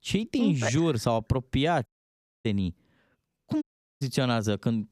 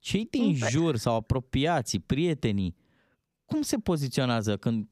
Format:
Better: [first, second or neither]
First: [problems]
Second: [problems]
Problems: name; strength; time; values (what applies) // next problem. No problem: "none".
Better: second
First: audio cutting out; at 2 s for 0.5 s and at 3.5 s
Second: none